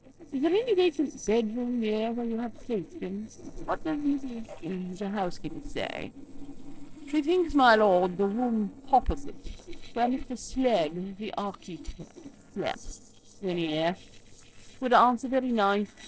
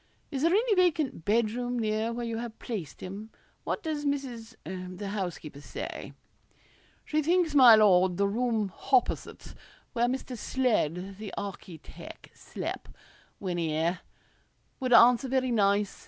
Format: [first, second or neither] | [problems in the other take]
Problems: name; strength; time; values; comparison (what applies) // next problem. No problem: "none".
second | noise reduction (neural separator model SepFormer DNS4)